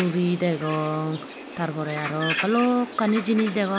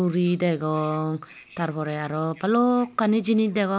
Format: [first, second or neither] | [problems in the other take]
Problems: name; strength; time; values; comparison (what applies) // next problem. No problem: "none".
second | background sound (Bird); 10 dB below the speech